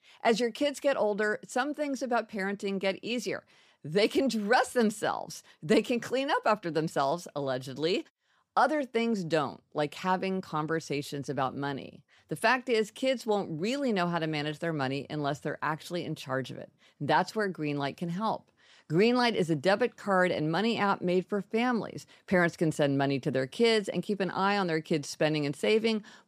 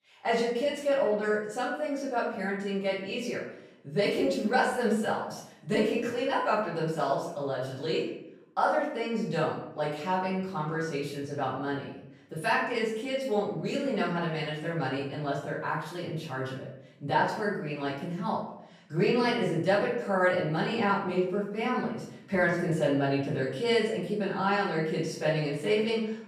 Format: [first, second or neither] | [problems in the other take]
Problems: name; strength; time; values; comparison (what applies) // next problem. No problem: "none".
first | off-mic speech; far // room echo; noticeable; dies away in 0.7 s